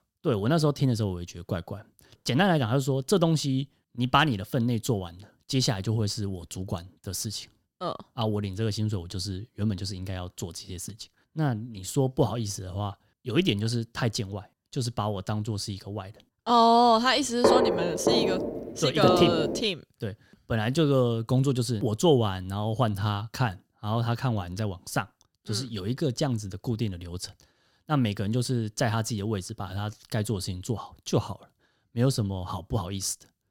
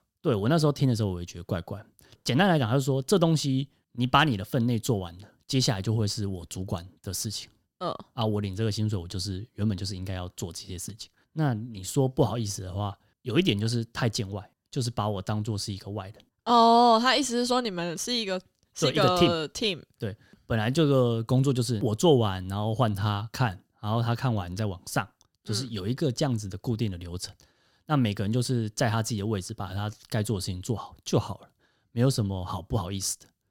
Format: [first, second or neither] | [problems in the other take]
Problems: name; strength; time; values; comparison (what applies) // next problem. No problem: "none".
second | footsteps; loud; from 17 to 20 s; peak 6 dB above the speech